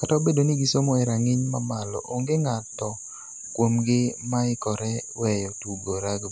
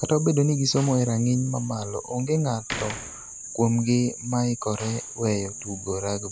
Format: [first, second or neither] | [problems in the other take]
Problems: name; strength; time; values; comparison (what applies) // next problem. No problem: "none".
first | background sound (Slam); 19 dB below the speech